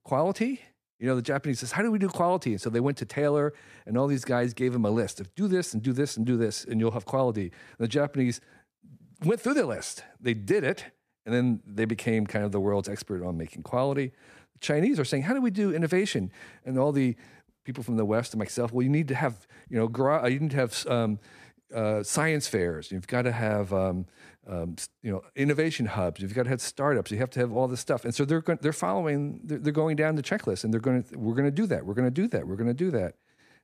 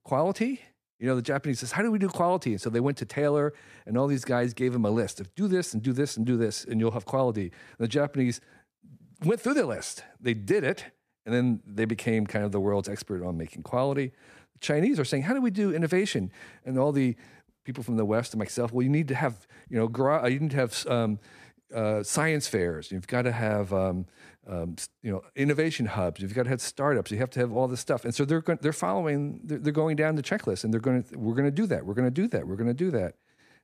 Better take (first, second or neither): neither